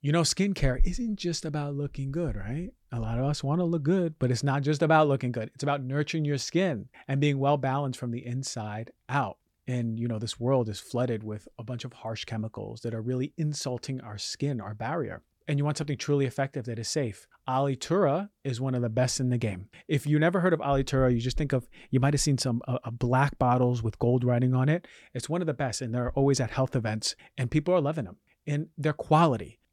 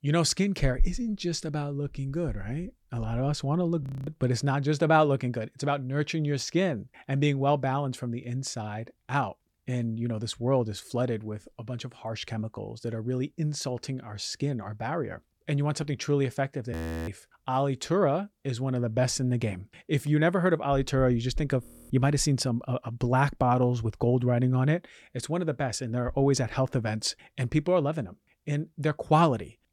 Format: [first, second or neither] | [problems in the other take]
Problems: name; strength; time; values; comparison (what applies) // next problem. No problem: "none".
first | audio freezing; at 4 s, at 17 s and at 22 s